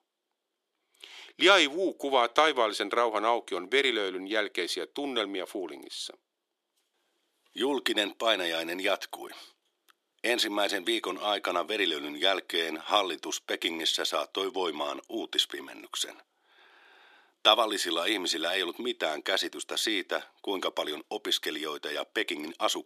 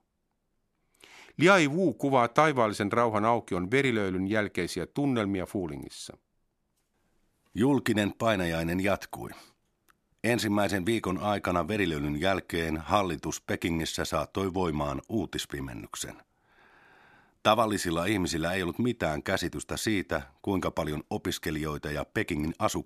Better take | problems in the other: second | thin; somewhat; fading below 350 Hz

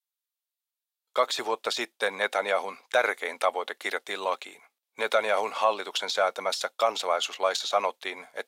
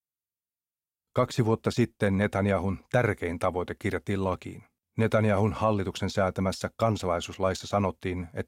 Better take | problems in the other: second | thin; very; fading below 600 Hz

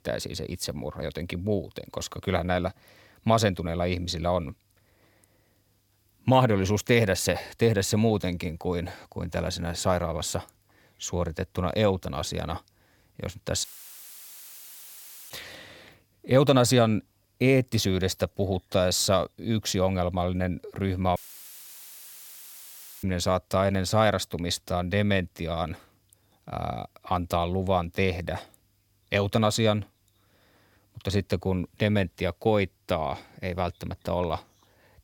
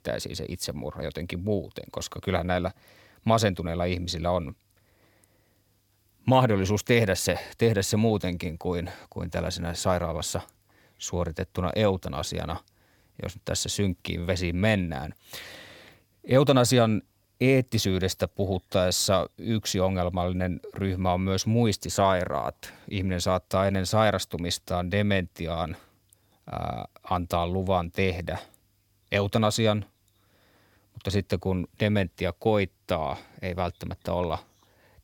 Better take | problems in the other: second | audio cutting out; filled with static; at 14 s for 1.5 s and at 21 s for 2 s

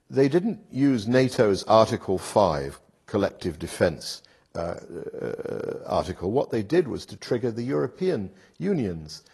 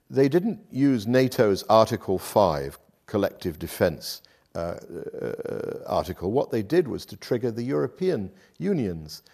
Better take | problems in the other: second | garbled, watery; slightly; nothing above 11.5 kHz

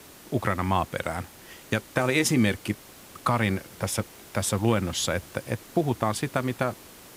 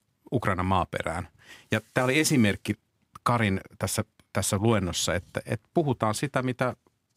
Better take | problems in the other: second | hiss; noticeable; throughout; 20 dB below the speech

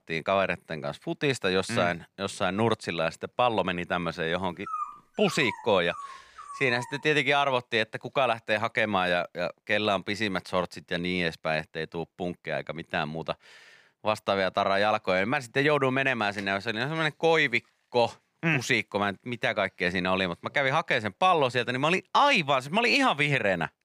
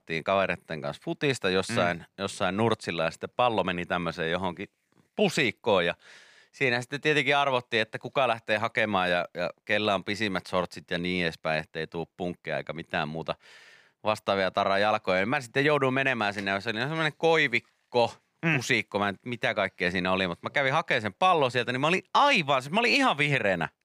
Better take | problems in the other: second | dog barking; noticeable; from 4.5 to 7 s; peak 8 dB below the speech

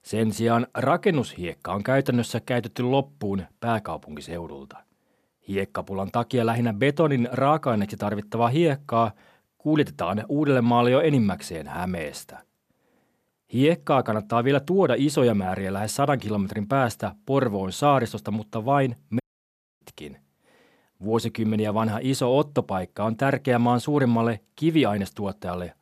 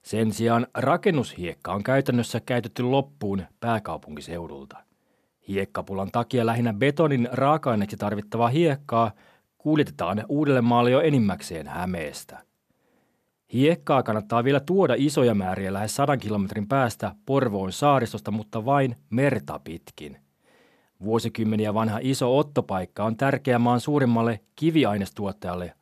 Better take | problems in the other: second | audio cutting out; at 19 s for 0.5 s

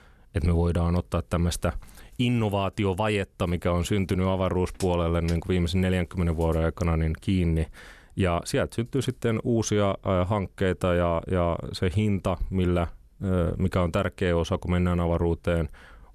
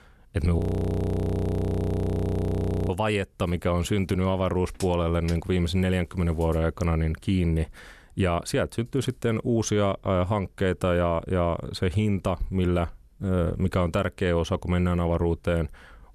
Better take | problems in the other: first | audio freezing; at 0.5 s for 2.5 s

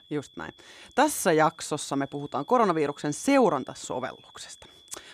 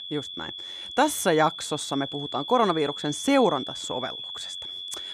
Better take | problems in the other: first | high-pitched whine; loud; throughout; 3.5 kHz, 9 dB below the speech; faint in the first

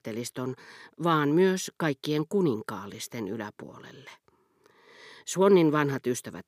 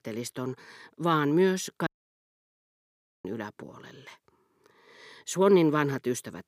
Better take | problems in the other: first | audio cutting out; at 2 s for 1.5 s

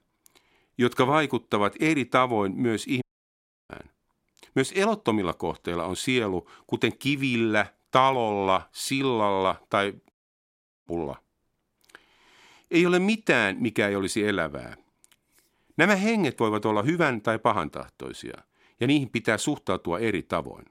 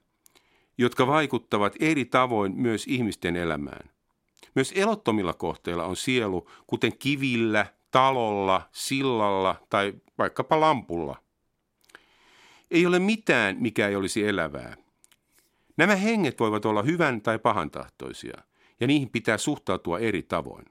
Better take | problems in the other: second | audio cutting out; at 3 s for 0.5 s and at 10 s for 0.5 s

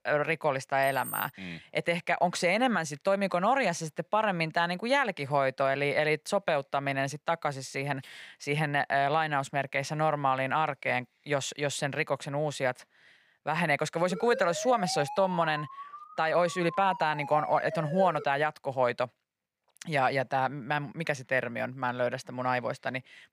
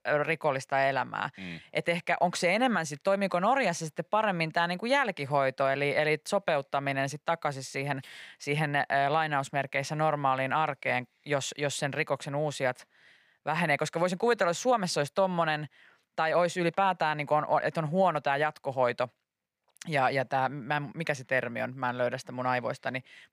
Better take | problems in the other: second | jangling keys; noticeable; at 1 s; peak 8 dB below the speech // siren; noticeable; from 14 to 18 s; peak 8 dB below the speech

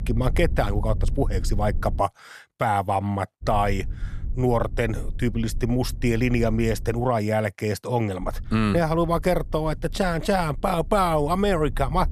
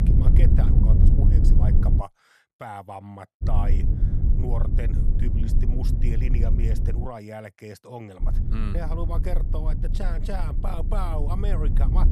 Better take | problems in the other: first | low rumble; loud; until 2 s, from 3.5 to 7 s and from 8 s on; 2 dB below the speech; faint in the first

